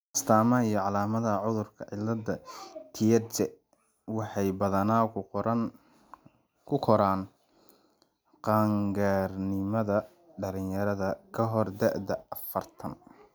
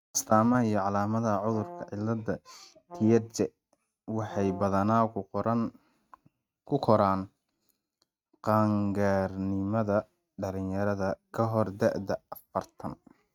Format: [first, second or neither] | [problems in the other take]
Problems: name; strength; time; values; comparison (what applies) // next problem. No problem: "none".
first | noise reduction (neural mask model RNNoise)